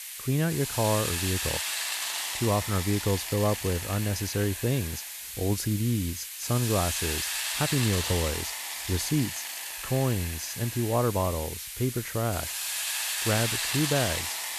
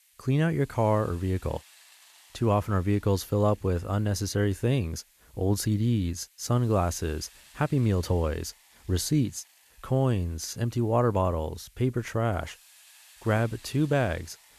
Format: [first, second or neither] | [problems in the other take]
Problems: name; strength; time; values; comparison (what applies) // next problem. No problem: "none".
second | hiss; loud; throughout; 2 dB below the speech; faint in the second